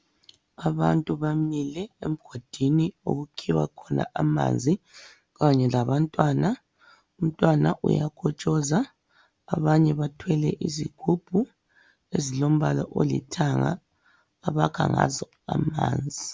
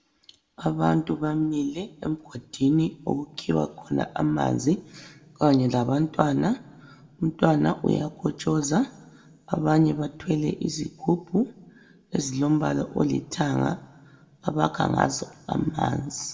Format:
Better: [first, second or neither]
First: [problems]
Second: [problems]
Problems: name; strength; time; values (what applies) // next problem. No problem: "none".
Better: first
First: none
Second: room echo; dies away in 0.7 s